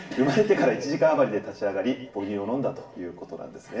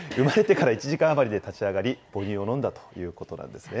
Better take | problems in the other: second | room echo; dies away in 0.7 s

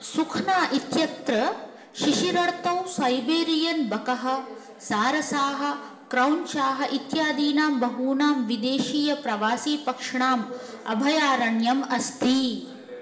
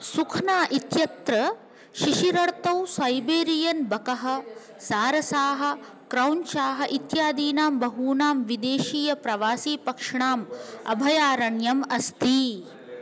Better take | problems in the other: second | room echo; dies away in 1 s

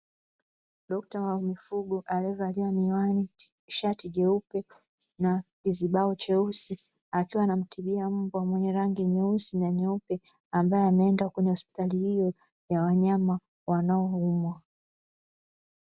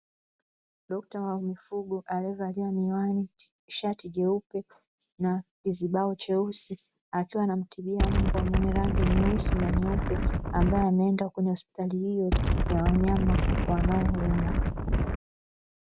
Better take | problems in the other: first | background sound (Wind); 4 dB above the speech

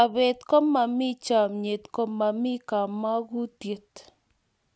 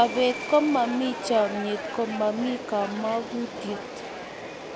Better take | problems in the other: first | background sound (Subway, metro, underground); 8 dB below the speech

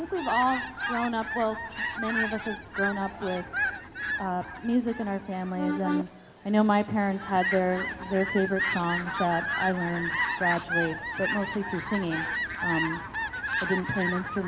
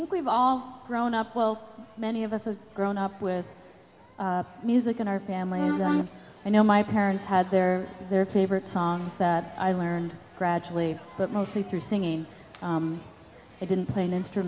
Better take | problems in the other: second | background sound (Fowl); 4 dB below the speech

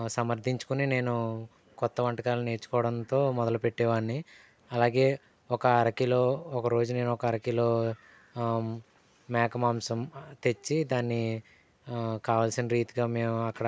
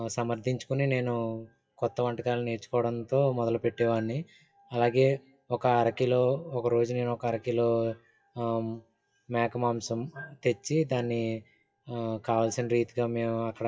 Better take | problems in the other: first | noise reduction (classical method WPE with log-MMSE)

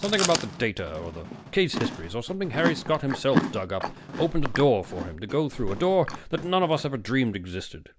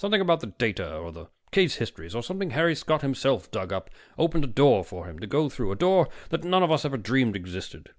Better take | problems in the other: second | background sound (Chewing, mastication); 7 dB below the speech

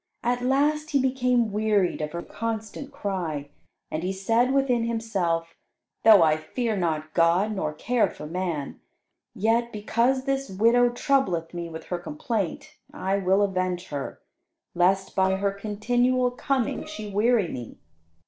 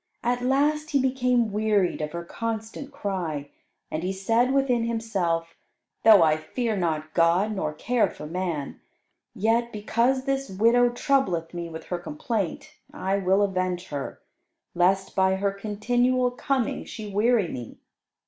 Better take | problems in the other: second | noise reduction (neural separator model SepFormer DNS4)

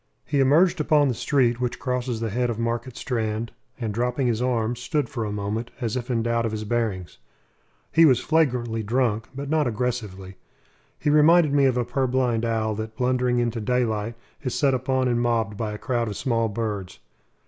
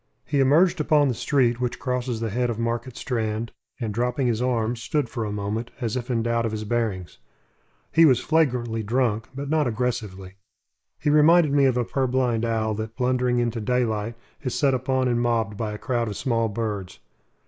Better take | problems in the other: first | noise reduction (neural mask model Resemble Enhance denoiser)

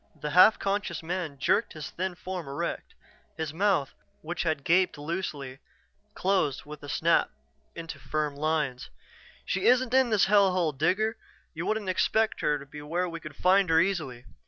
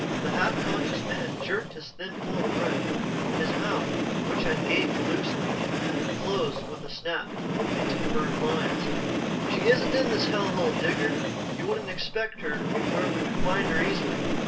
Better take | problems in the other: first | background sound (Train); 3 dB above the speech // room echo; dies away in 0.2 s

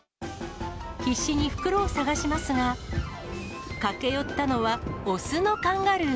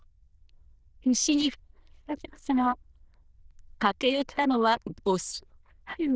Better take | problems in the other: first | noise reduction (neural diffusion model UNIVERSE++)

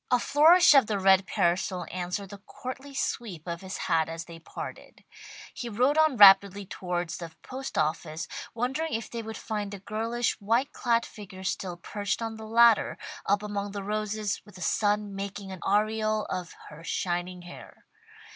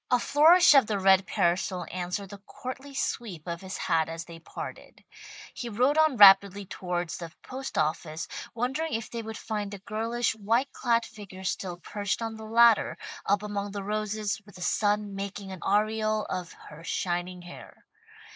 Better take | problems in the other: first | noise reduction (neural mask model Resemble Enhance denoiser)

